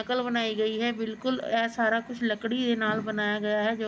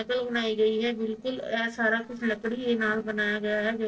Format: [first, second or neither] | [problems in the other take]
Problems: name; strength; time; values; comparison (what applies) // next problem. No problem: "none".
first | noise reduction (neural separator model SepFormer DNS4)